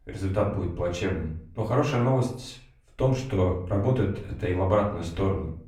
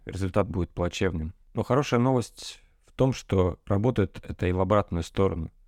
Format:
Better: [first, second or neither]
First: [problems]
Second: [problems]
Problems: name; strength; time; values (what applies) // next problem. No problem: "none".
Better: second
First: off-mic speech; far // room echo; slight; dies away in 0.4 s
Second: none